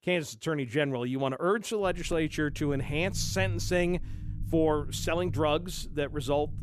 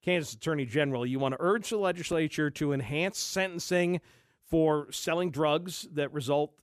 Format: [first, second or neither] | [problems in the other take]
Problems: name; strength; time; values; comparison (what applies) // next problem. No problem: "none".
second | low rumble; faint; from 2 s on; 20 dB below the speech